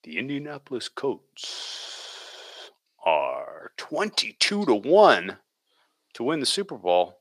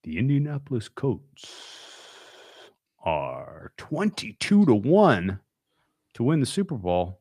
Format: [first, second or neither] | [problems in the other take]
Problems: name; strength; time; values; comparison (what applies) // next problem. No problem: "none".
second | thin; somewhat; fading below 500 Hz